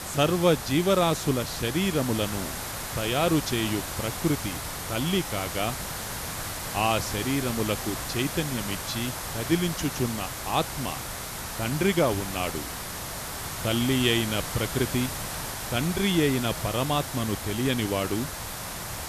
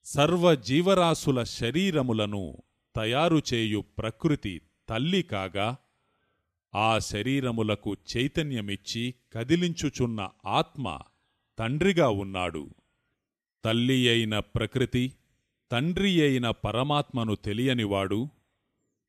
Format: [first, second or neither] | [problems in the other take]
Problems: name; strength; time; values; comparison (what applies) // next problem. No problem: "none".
second | hiss; loud; throughout; 5 dB below the speech